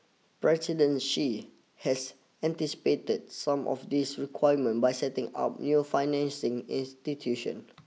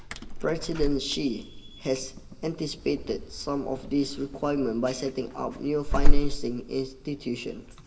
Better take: first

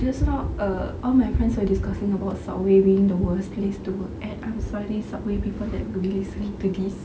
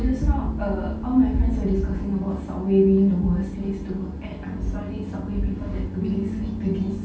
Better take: first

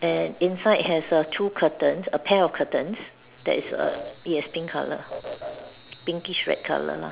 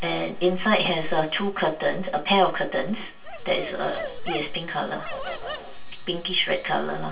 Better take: first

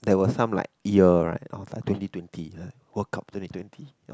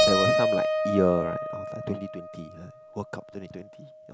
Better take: first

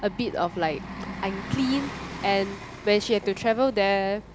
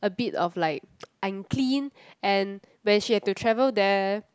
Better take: second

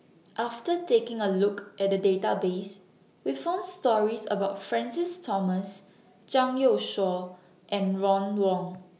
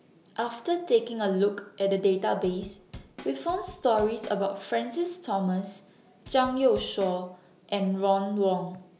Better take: first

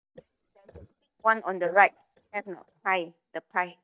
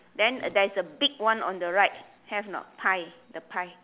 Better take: second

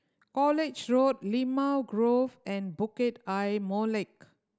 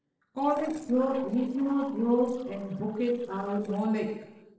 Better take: first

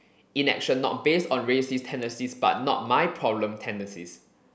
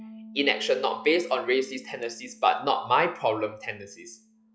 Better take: first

